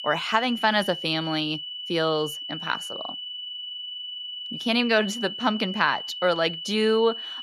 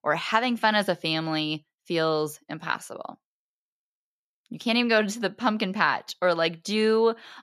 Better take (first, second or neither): second